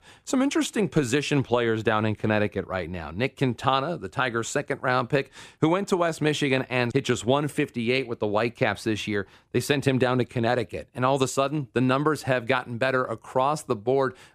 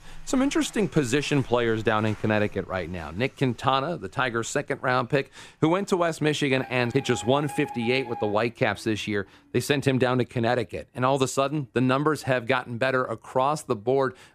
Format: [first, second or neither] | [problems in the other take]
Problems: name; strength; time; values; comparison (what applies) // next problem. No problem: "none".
first | household noises; noticeable; throughout; 20 dB below the speech